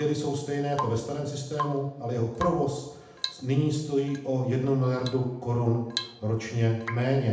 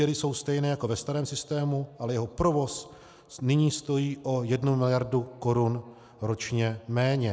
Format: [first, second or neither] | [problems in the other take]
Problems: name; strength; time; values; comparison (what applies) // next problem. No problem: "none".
second | background sound (Drip / Water tap, faucet / Rain); 12 dB below the speech // room echo; dies away in 0.8 s